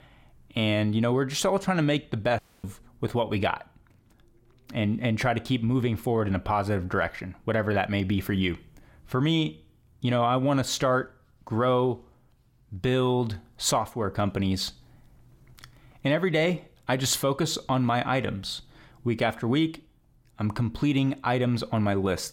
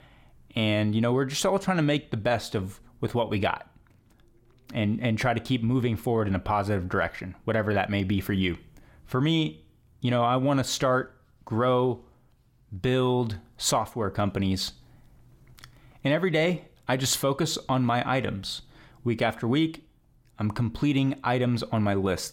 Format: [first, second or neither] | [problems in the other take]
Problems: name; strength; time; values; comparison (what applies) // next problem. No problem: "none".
second | audio cutting out; at 2.5 s